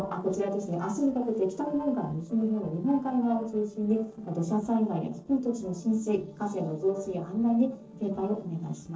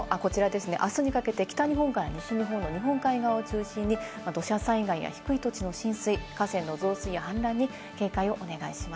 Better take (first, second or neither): second